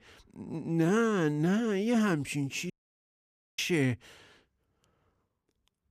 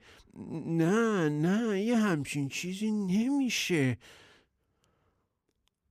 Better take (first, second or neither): second